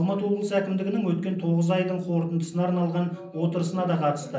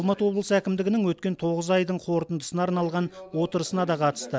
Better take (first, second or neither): second